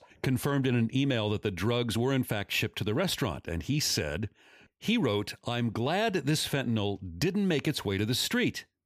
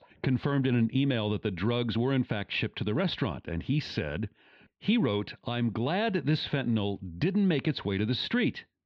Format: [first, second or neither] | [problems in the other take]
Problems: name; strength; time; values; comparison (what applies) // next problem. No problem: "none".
first | muffled; slightly; fading above 4 kHz